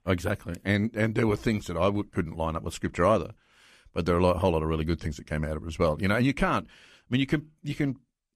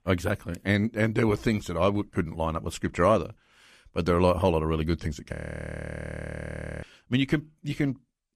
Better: first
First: none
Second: audio freezing; at 5.5 s for 1.5 s

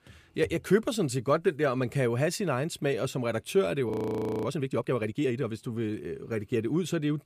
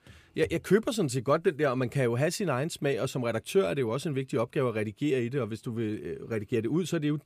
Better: second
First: audio freezing; at 4 s for 0.5 s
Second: none

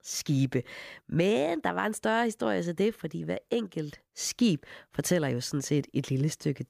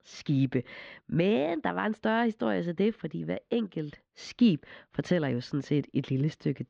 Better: first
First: none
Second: muffled; slightly; fading above 4 kHz

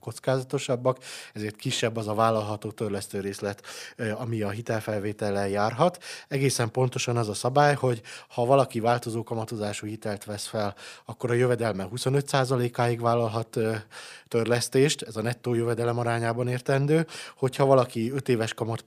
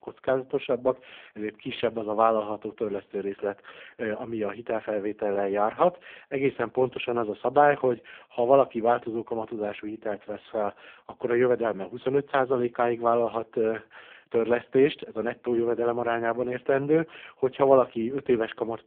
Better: first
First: none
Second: phone-call audio; poor line

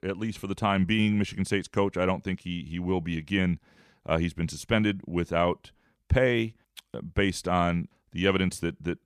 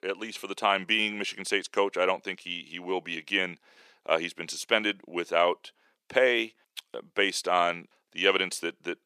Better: first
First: none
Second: thin; very; fading below 400 Hz

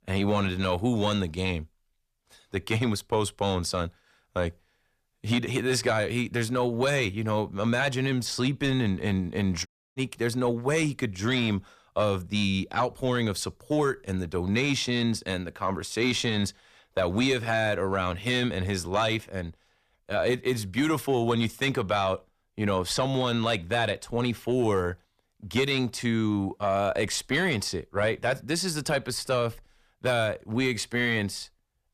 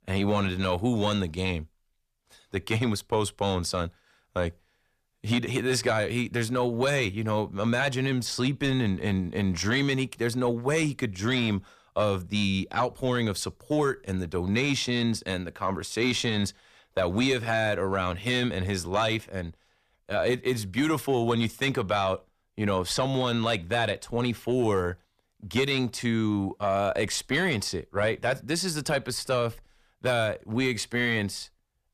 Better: second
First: audio cutting out; at 9.5 s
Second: none

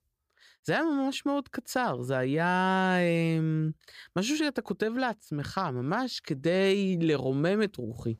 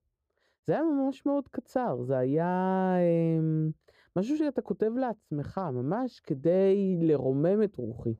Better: first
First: none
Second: muffled; very; fading above 1 kHz

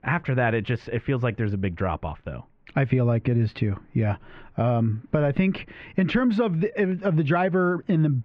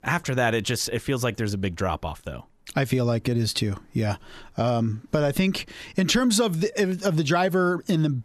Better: second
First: muffled; very; fading above 2.5 kHz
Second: none

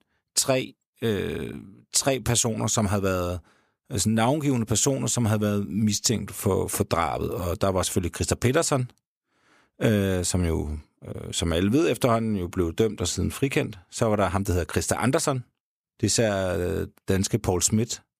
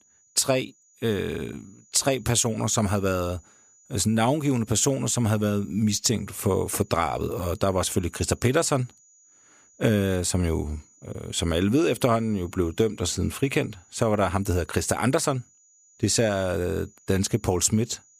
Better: first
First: none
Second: high-pitched whine; faint; throughout; 7 kHz, 30 dB below the speech

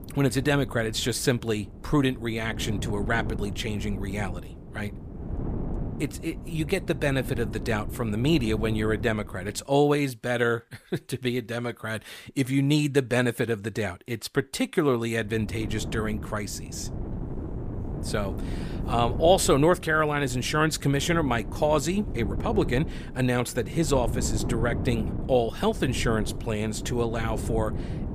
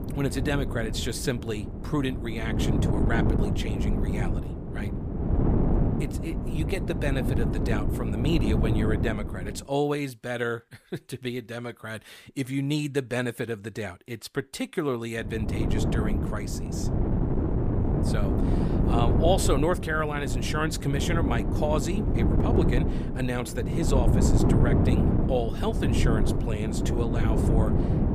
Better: first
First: wind noise on the microphone; occasional gusts; until 9.5 s and from 15 s on; 15 dB below the speech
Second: wind noise on the microphone; heavy; until 9.5 s and from 15 s on; 2 dB below the speech

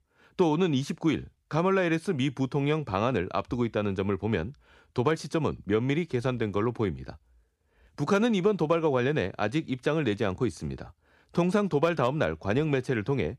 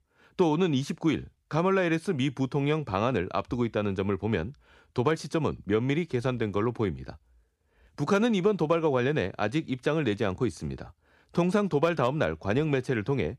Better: neither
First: none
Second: none

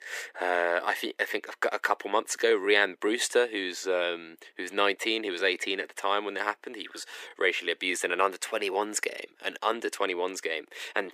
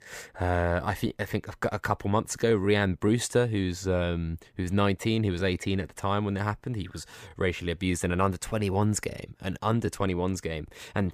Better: second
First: thin; very; fading below 350 Hz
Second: none

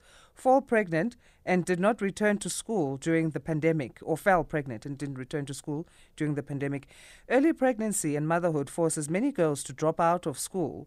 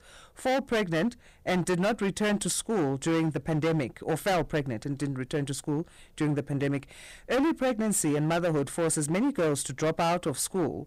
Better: first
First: none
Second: distortion; heavy; 16% of the sound clipped

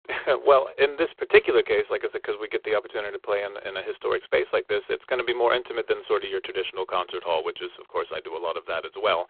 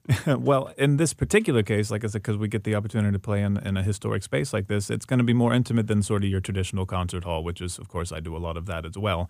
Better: second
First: phone-call audio; poor line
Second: none

